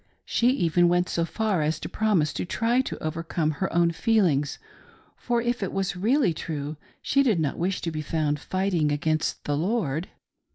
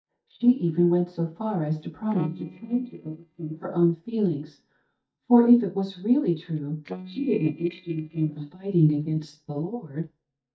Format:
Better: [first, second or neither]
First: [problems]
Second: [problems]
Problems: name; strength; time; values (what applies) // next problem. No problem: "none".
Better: first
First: none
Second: noise reduction (neural mask model DeepFilterNet 3)